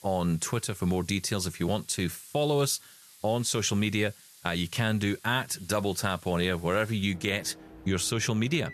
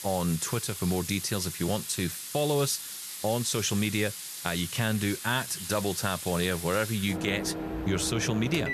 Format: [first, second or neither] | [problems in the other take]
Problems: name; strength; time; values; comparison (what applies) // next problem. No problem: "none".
first | household noises; loud; throughout; 7 dB below the speech; faint in the first